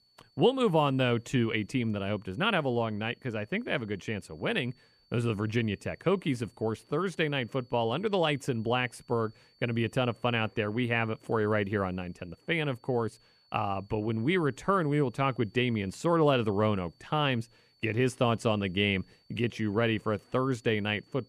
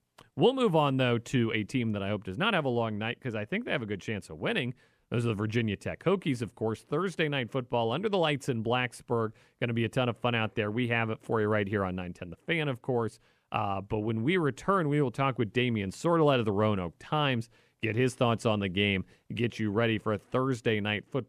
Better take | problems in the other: second | high-pitched whine; faint; throughout; 4.5 kHz, 35 dB below the speech

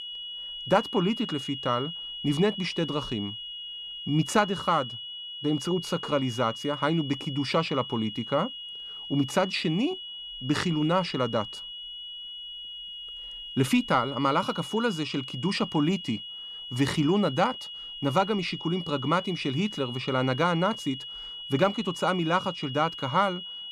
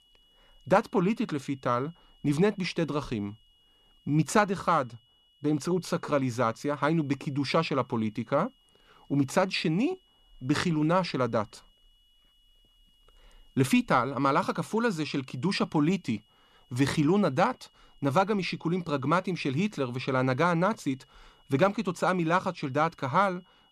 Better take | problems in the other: second | high-pitched whine; loud; throughout; 3 kHz, 9 dB below the speech; faint in the second

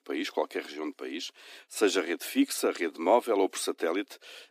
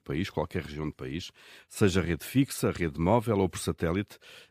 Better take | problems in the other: second | thin; very slightly; fading below 250 Hz

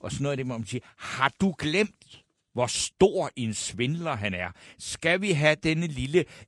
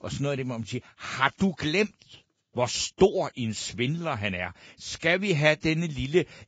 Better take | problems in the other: first | garbled, watery; badly; nothing above 7.5 kHz; slightly in the first

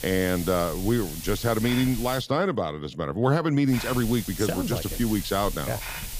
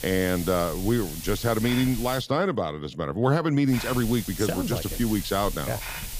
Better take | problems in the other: neither | hiss; loud; until 2 s and from 3.5 s on; 9 dB below the speech; the same in both

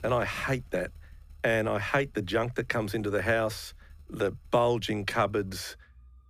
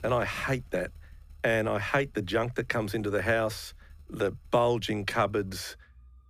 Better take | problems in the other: neither | traffic noise; faint; throughout; 25 dB below the speech; the same in both

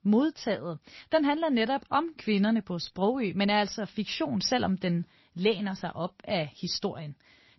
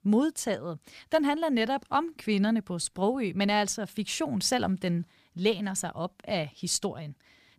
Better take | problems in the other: second | garbled, watery; slightly; nothing above 5.5 kHz

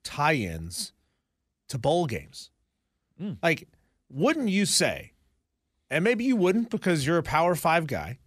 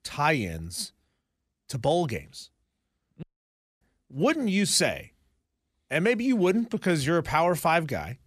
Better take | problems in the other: first | audio cutting out; at 3 s for 0.5 s

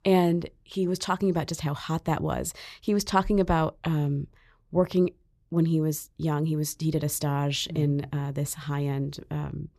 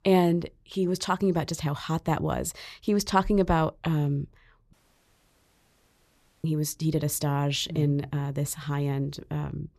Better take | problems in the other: first | audio cutting out; at 4.5 s for 1.5 s

